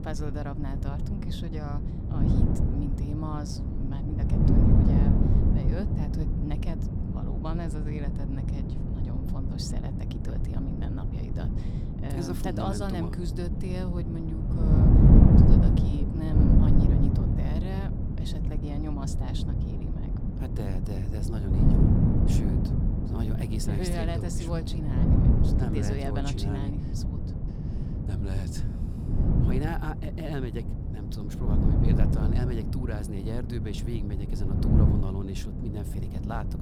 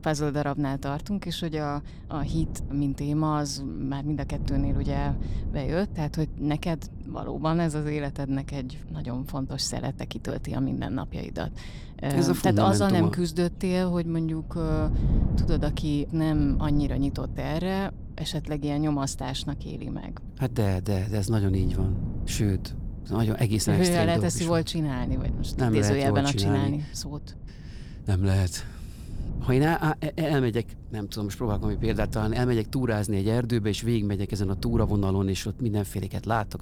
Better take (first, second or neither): second